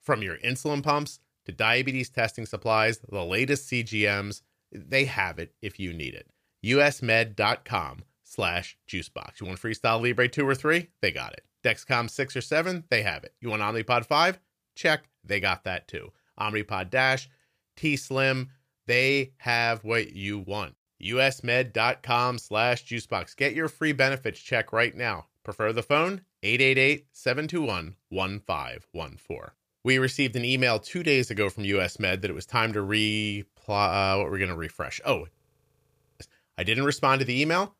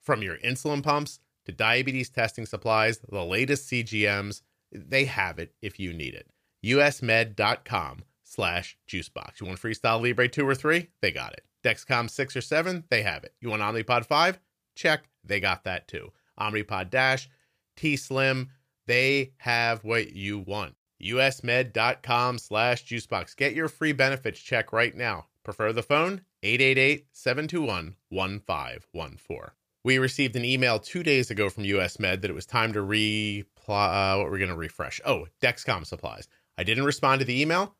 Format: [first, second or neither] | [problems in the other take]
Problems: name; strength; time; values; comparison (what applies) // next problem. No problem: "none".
second | audio freezing; at 35 s for 1 s